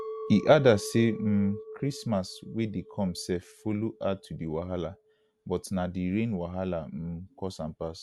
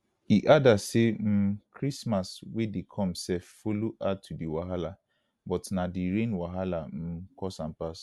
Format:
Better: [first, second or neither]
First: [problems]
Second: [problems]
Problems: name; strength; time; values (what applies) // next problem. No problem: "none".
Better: second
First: background sound (Chink, clink); 16 dB below the speech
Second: none